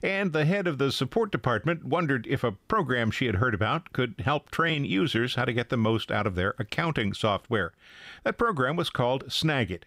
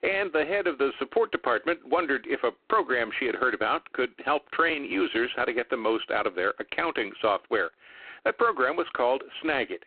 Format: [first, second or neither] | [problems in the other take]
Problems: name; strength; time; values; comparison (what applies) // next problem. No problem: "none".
first | phone-call audio; poor line